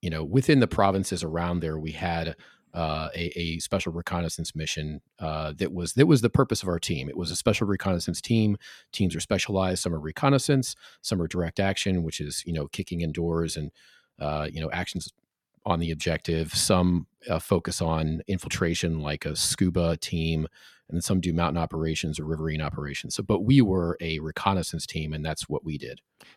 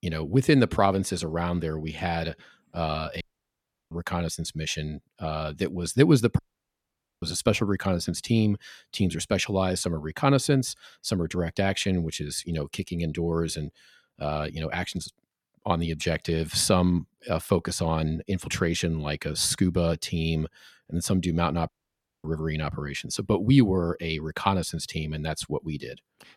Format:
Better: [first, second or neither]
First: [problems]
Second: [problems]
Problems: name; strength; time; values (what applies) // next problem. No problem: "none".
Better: first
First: none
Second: audio cutting out; at 3 s for 0.5 s, at 6.5 s for 1 s and at 22 s for 0.5 s